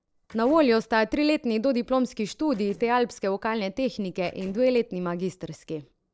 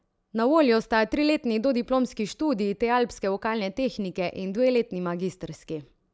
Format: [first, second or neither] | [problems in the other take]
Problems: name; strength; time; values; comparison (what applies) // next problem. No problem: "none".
second | noise reduction (neural separator model SepFormer DNS4)